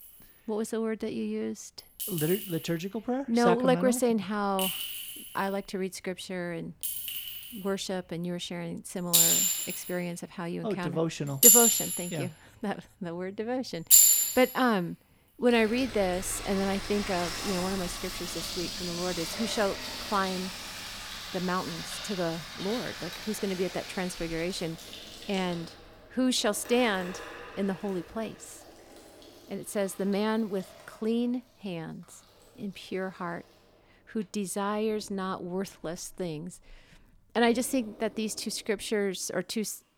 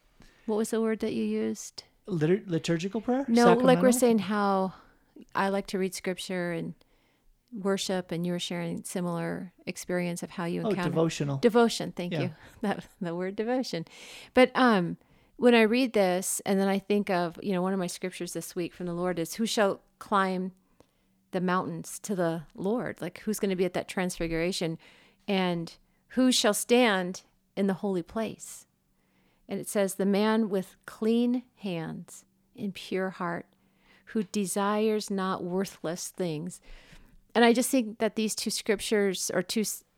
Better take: second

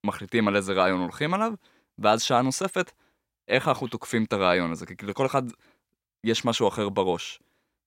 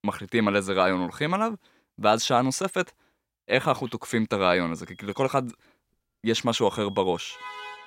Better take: first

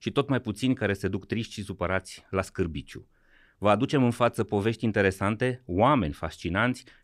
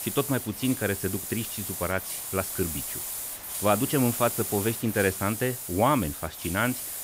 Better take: first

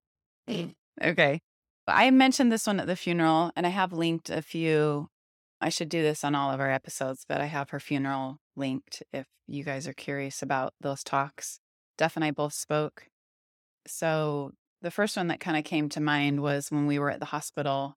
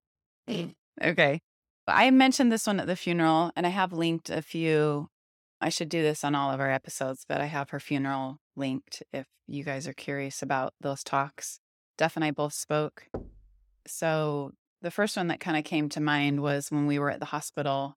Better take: first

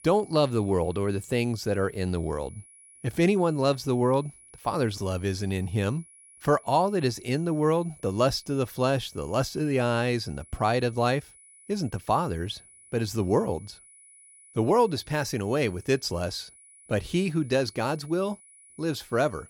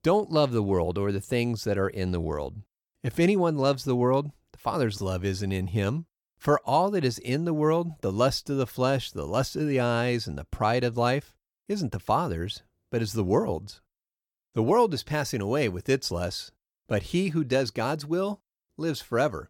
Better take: second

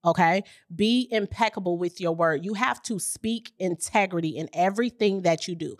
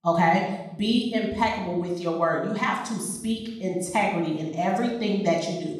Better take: first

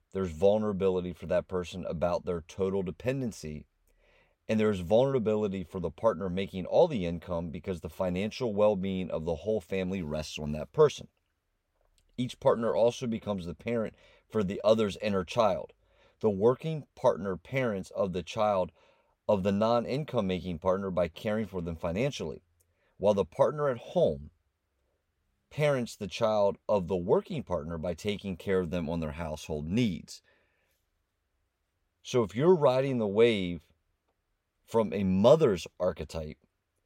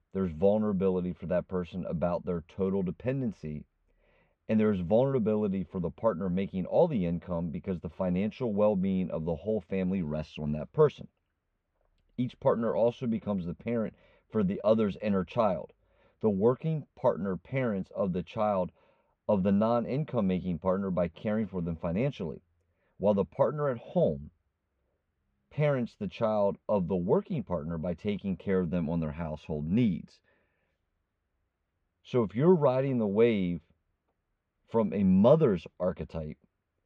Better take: first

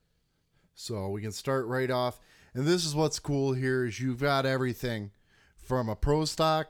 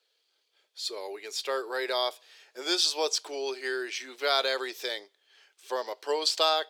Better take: first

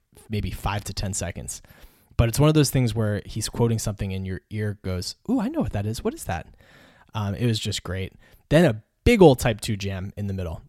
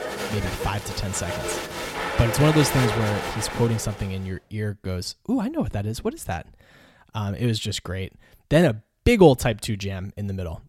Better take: first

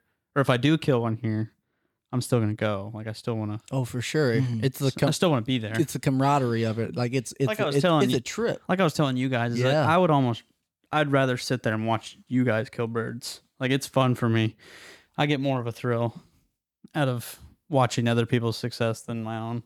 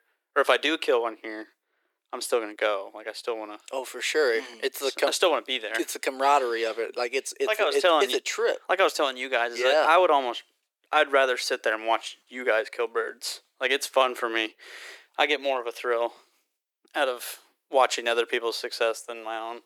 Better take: first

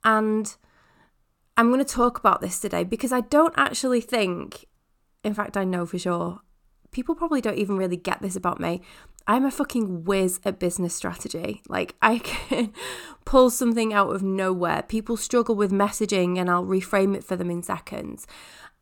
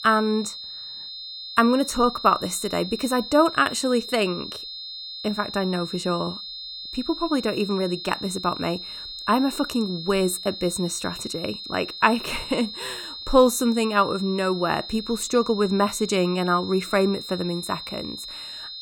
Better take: first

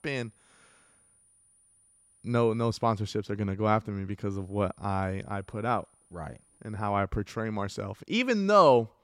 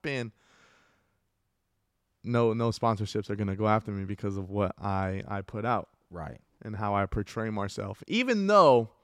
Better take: second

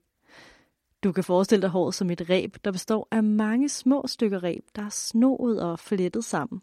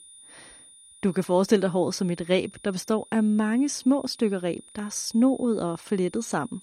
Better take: first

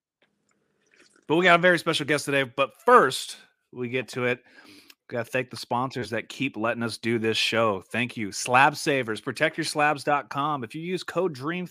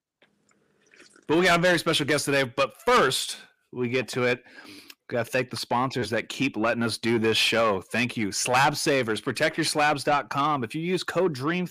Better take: first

